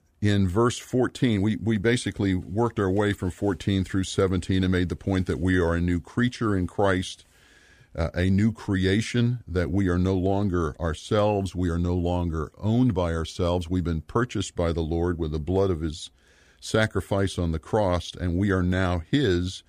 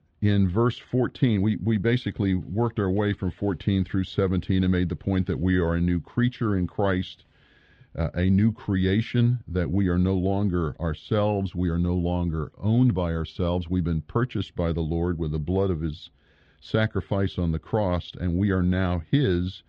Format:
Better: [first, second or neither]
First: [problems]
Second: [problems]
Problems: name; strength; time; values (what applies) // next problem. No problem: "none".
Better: first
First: none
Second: muffled; slightly; fading above 3.5 kHz